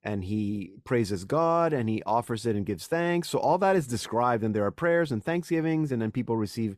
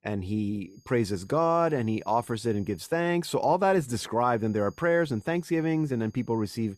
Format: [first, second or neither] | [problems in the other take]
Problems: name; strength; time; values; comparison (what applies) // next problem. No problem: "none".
first | high-pitched whine; faint; from 0.5 to 3 s and from 4.5 s on; 6.5 kHz, 35 dB below the speech